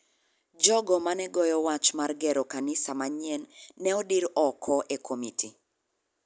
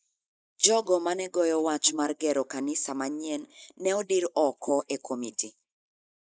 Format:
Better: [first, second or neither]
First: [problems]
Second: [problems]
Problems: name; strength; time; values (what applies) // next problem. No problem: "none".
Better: first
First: none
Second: noise reduction (neural mask model Resemble Enhance denoiser)